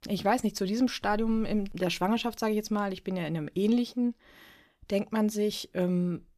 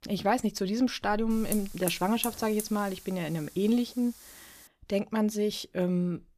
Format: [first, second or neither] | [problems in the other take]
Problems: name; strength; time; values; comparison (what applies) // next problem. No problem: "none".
first | hiss; noticeable; from 1.5 to 4.5 s; 10 dB below the speech